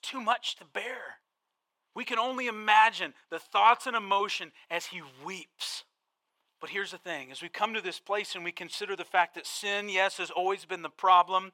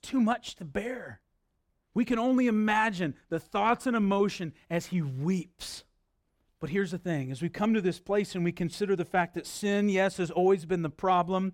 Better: second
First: thin; very; fading below 650 Hz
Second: none

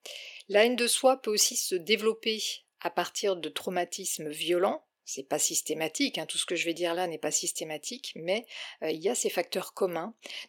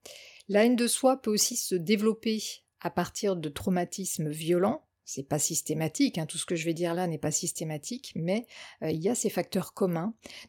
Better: second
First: thin; somewhat; fading below 400 Hz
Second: none

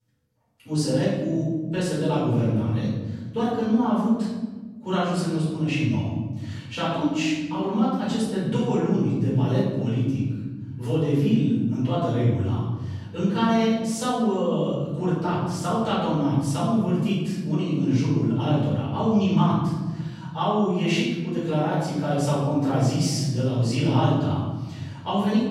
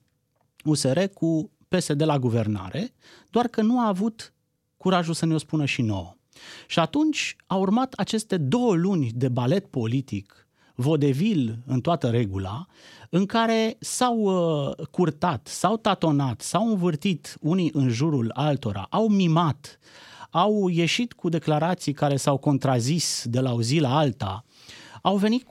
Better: second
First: off-mic speech; far // room echo; strong; dies away in 1.8 s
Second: none

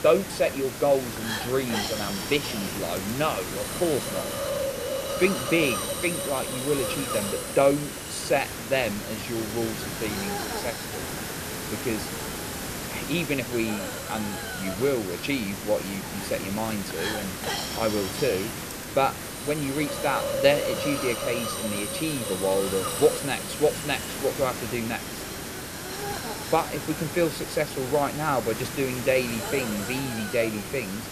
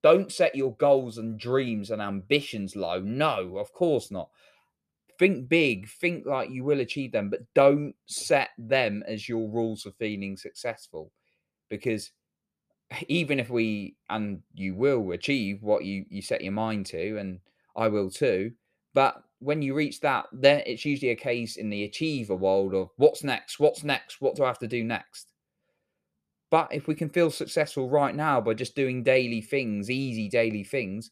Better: second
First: hiss; loud; throughout; 4 dB below the speech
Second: none

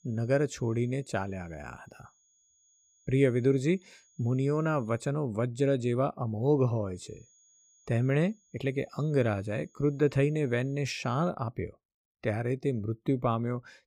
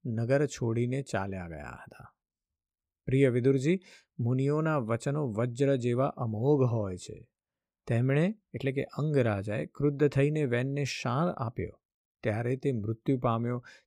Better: second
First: high-pitched whine; faint; until 5 s and from 7 to 11 s; 6.5 kHz, 35 dB below the speech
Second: none

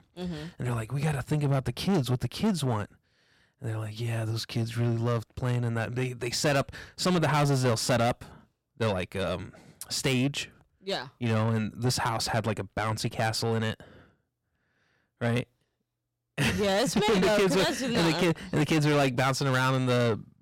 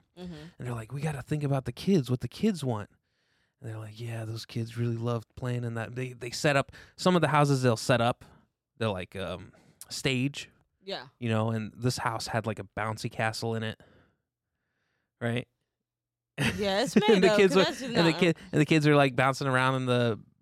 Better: second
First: distortion; heavy; 6 dB below the speech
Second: none

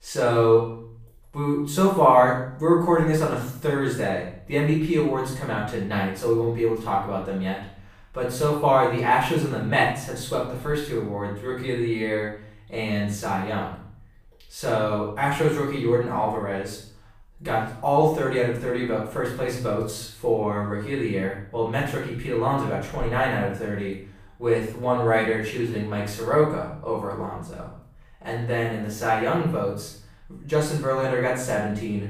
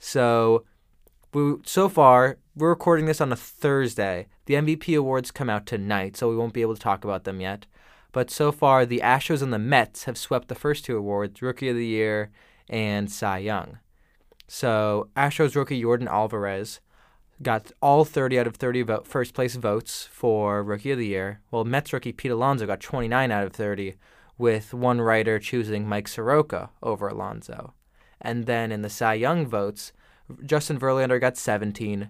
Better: second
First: room echo; noticeable; dies away in 0.6 s // off-mic speech; far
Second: none

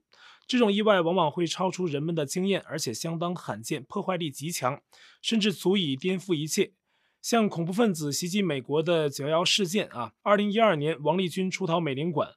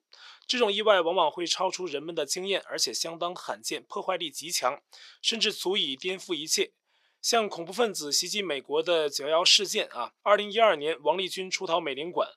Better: first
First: none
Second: thin; somewhat; fading below 500 Hz

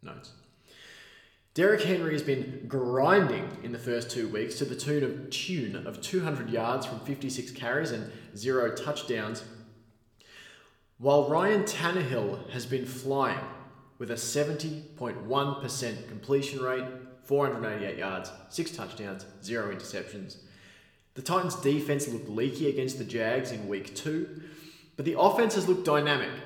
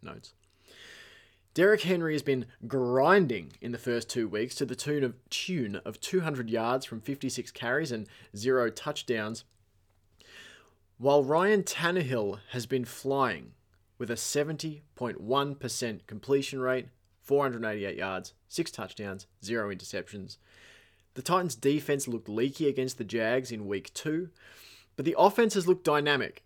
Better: second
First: room echo; slight; dies away in 0.8 s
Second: none

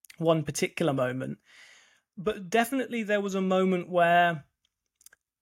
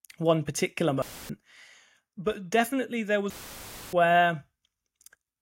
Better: first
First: none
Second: audio cutting out; filled with static; at 1 s and at 3.5 s for 0.5 s

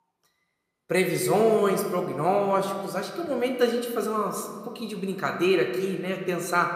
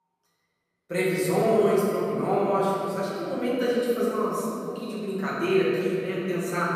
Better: first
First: room echo; slight; dies away in 1.6 s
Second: room echo; strong; dies away in 3 s // off-mic speech; far

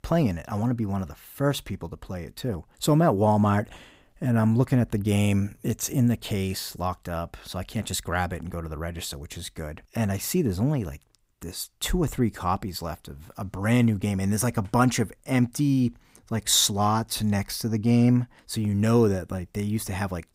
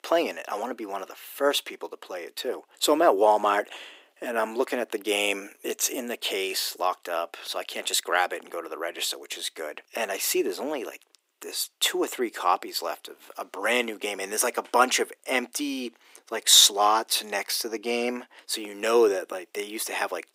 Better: first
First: none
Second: thin; very; fading below 350 Hz

